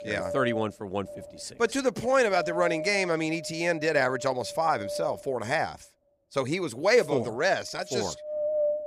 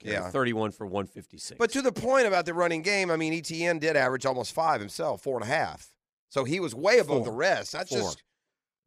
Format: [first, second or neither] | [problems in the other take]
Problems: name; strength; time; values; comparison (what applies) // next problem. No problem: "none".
second | wind noise on the microphone; heavy; 8 dB below the speech